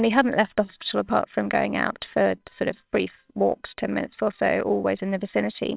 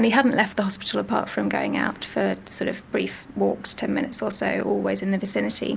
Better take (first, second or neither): second